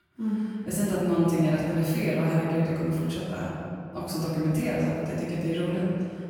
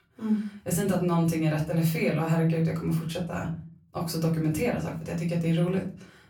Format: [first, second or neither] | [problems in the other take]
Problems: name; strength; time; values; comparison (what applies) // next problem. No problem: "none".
second | room echo; strong; dies away in 2.1 s; slight in the second // off-mic speech; far; far in the second